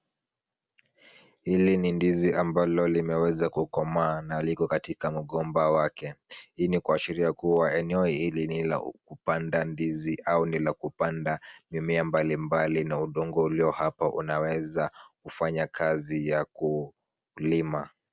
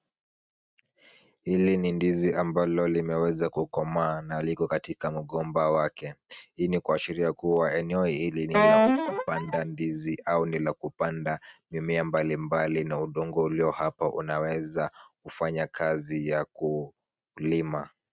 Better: first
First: none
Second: noise reduction (neural mask model RNNoise)

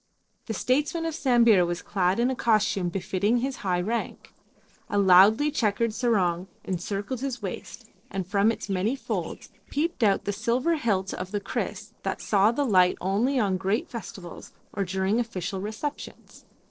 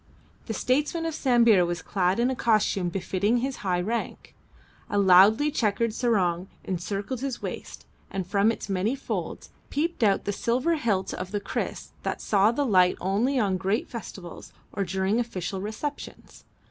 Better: second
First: noise reduction (neural separator model SepFormer DNS4)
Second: none

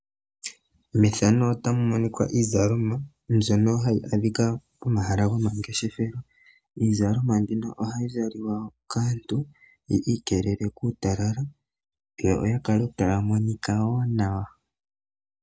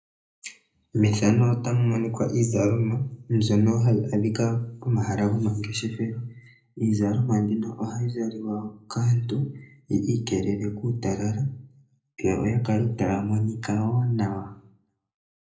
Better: first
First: none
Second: room echo; dies away in 0.5 s

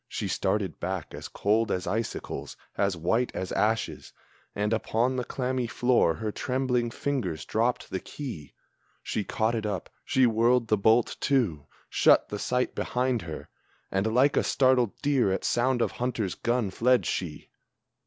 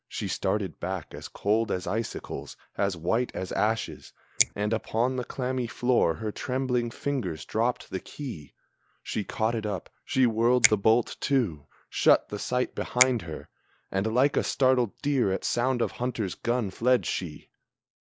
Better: first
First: none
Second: noise reduction (neural mask model Resemble Enhance denoiser)

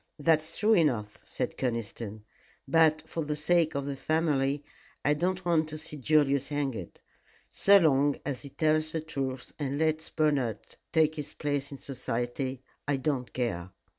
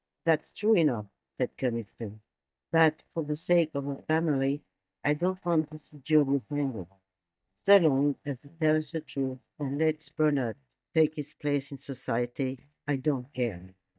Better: first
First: none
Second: noise reduction (neural mask model DeepFilterNet 3)

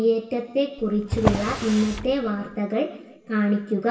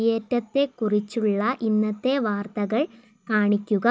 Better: second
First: background sound (Drawer open or close); 5 dB below the speech // room echo; dies away in 1 s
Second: none

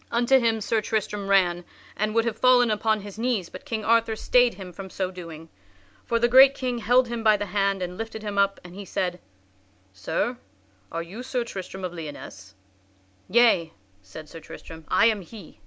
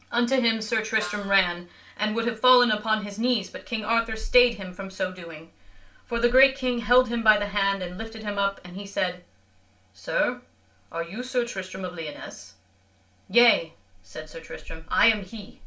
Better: first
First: none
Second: background sound (Snare drum); 17 dB below the speech // room echo; dies away in 0.3 s

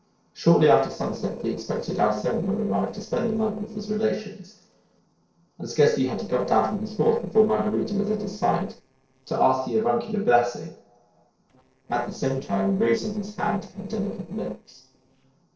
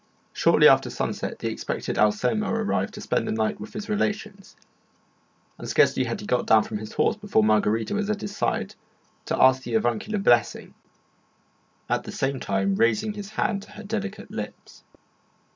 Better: second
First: noise reduction (neural separator model SepFormer DNS4)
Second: none

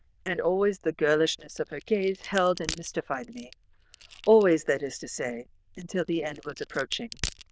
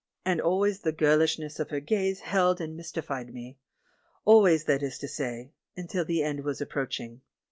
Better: second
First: noise reduction (neural diffusion model UNIVERSE++)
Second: none

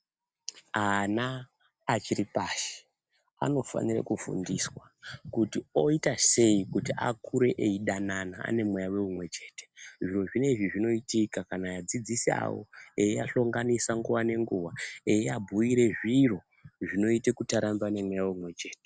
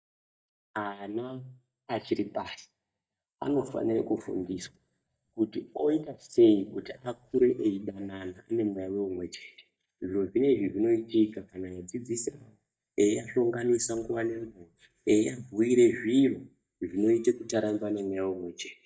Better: first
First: none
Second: noise reduction (neural mask model DeepFilterNet 3)

